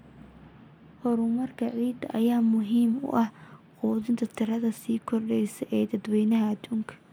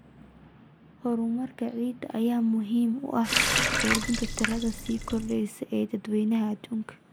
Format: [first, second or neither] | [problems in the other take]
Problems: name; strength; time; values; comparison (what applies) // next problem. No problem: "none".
first | background sound (Water tap, faucet); 1 dB above the speech